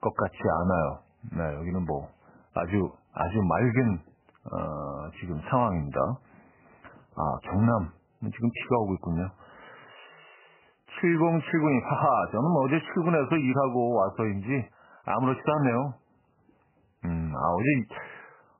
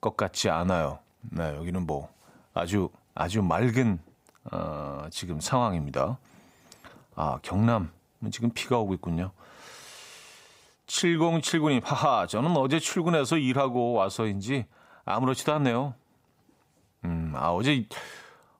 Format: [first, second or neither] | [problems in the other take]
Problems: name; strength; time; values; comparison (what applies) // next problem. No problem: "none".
second | garbled, watery; badly; nothing above 3 kHz